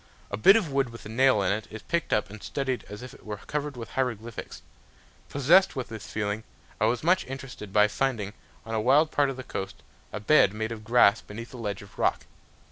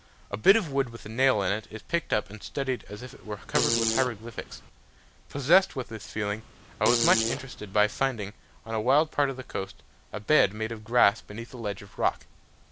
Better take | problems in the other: first | background sound (Fart); 4 dB below the speech

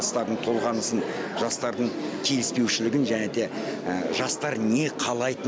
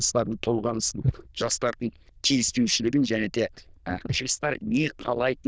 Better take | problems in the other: first | noise reduction (neural diffusion model UNIVERSE++)

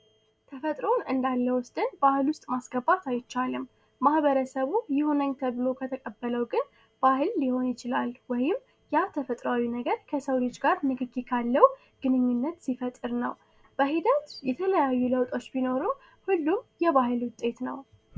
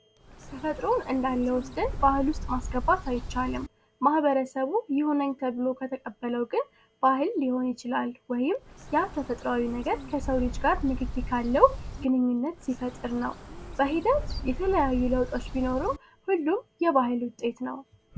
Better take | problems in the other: first | background sound (Bird); 8 dB below the speech

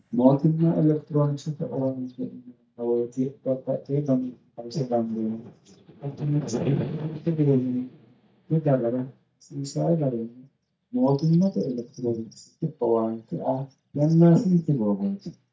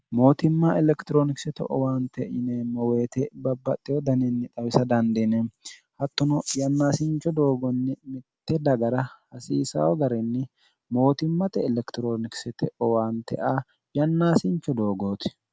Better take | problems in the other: second | noise reduction (neural mask model DeepFilterNet 3)

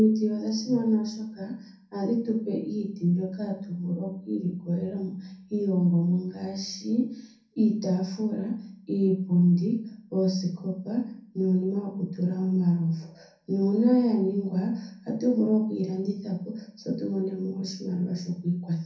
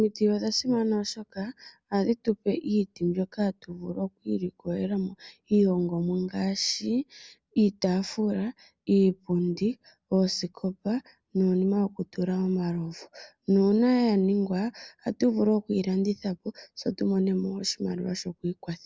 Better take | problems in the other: second | room echo; dies away in 0.6 s

